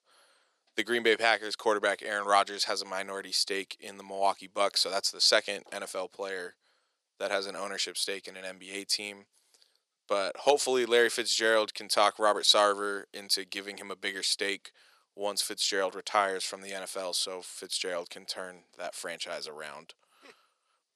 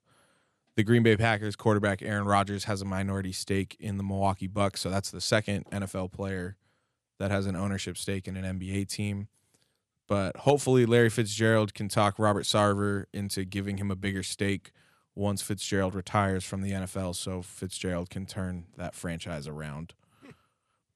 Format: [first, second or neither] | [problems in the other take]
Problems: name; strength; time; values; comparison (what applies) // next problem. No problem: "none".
second | thin; very; fading below 450 Hz